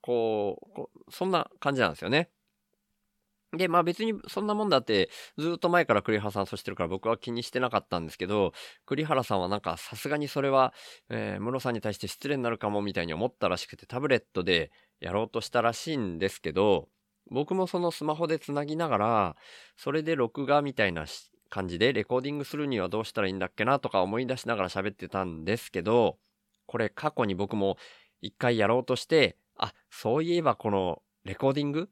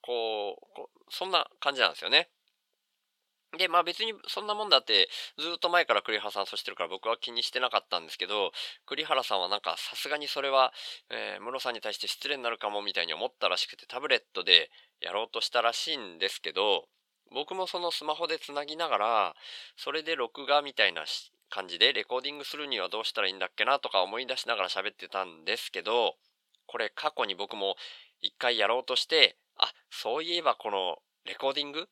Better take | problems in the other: first | thin; very; fading below 650 Hz

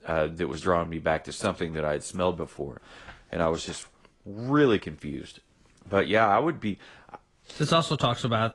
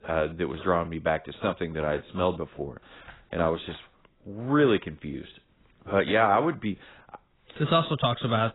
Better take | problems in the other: first | garbled, watery; badly; nothing above 4 kHz; slightly in the first

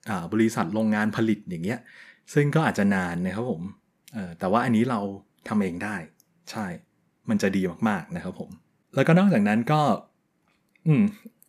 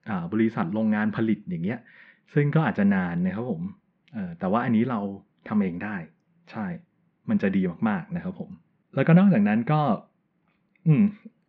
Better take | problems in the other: first | muffled; very; fading above 3 kHz

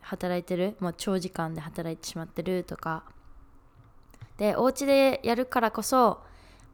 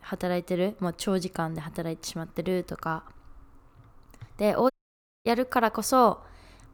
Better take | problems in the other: first | audio cutting out; at 4.5 s for 0.5 s

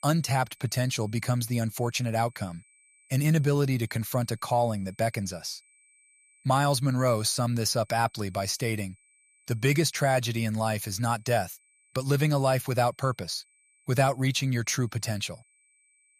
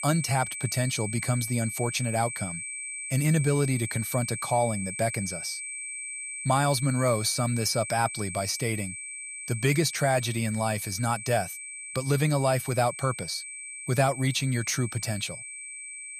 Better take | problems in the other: first | high-pitched whine; loud; throughout; 8 kHz, 7 dB below the speech; faint in the first

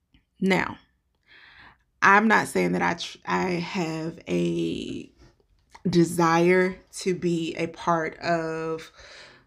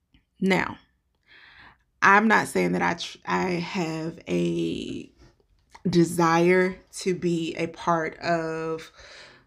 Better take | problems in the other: neither | none

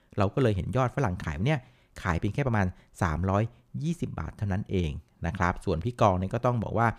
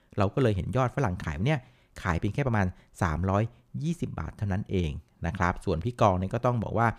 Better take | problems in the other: neither | none

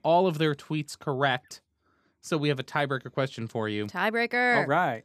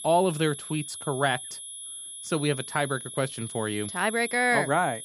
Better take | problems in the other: first | high-pitched whine; loud; throughout; 10.5 kHz, 9 dB below the speech

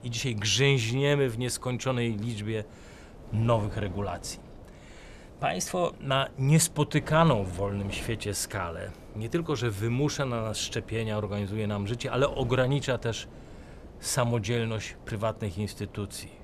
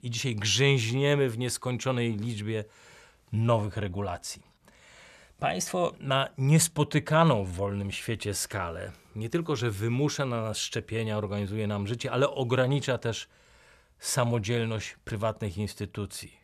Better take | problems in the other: second | wind noise on the microphone; occasional gusts; 20 dB below the speech

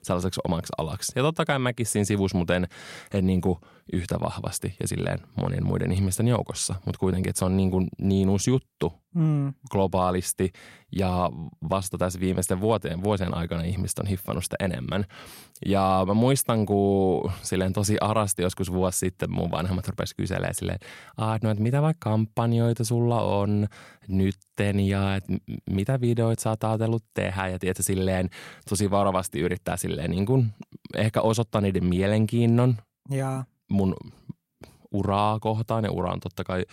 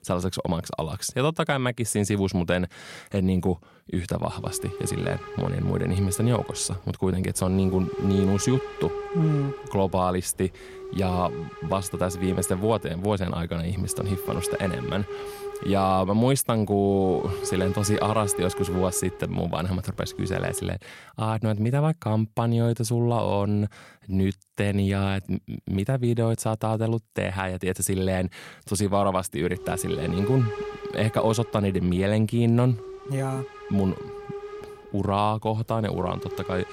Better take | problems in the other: first | hiss; noticeable; from 4 to 21 s and from 29 s on; 10 dB below the speech

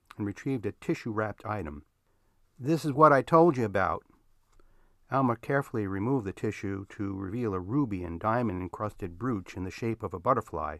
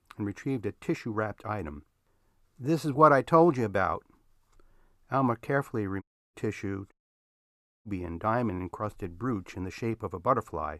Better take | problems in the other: first | audio cutting out; at 6 s and at 7 s for 1 s

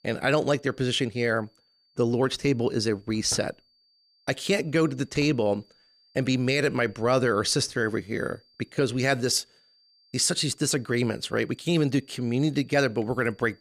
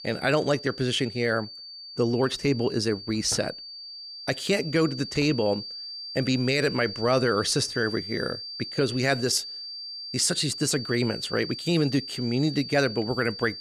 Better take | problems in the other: first | high-pitched whine; loud; throughout; 4.5 kHz, 10 dB below the speech; faint in the first

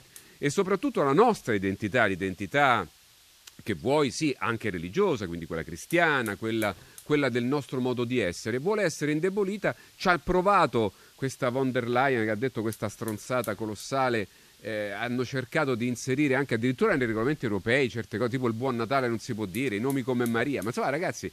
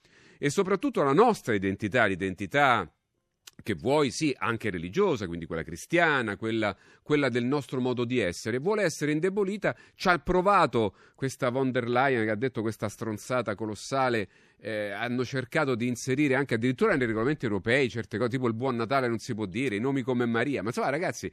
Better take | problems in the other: second | hiss; faint; throughout; 25 dB below the speech

